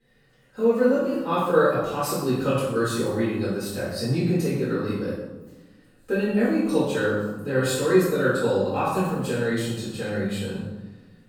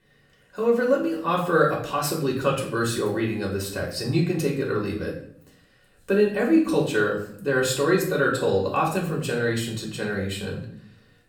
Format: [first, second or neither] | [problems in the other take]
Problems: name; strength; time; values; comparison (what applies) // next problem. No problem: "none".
second | room echo; strong; dies away in 0.9 s; slight in the second // off-mic speech; far; far in the second